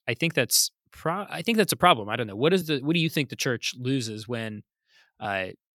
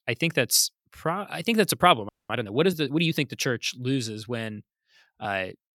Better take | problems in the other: first | audio freezing; at 2 s

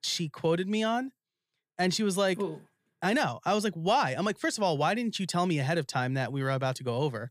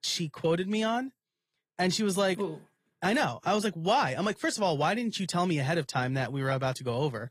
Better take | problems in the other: first | garbled, watery; slightly; nothing above 15 kHz

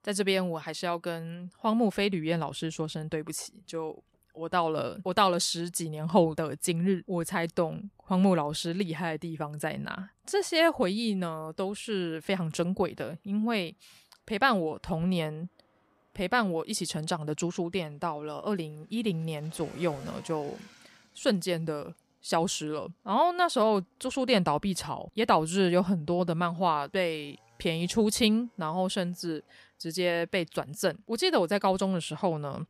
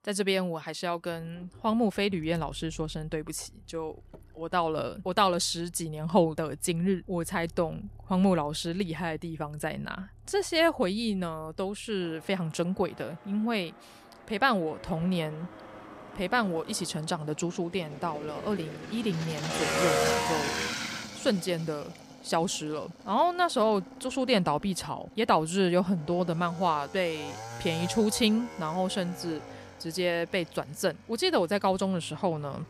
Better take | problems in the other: first | traffic noise; loud; throughout; 7 dB below the speech; faint in the first

